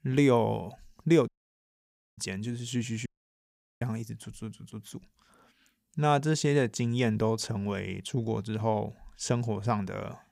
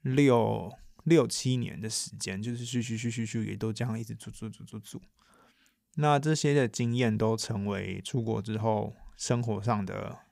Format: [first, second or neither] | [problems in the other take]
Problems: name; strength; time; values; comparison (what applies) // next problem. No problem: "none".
second | audio cutting out; at 1.5 s for 1 s and at 3 s for 1 s